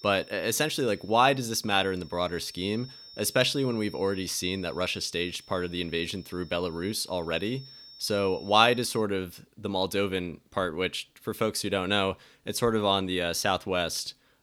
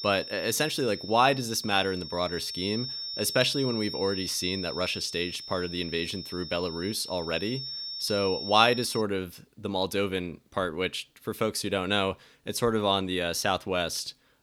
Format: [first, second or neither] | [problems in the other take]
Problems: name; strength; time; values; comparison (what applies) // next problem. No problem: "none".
first | high-pitched whine; loud; until 9 s; 5.5 kHz, 7 dB below the speech; faint in the first